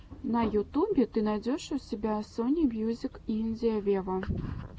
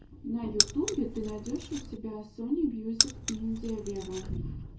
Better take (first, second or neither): first